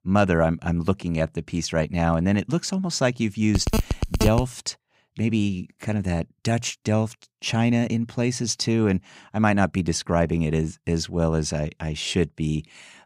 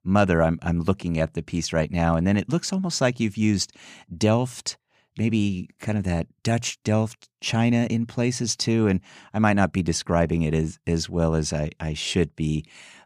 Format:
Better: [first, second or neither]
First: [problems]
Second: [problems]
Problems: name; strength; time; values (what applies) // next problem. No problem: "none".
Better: second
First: phone ringing; noticeable; at 3.5 s; peak 1 dB below the speech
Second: none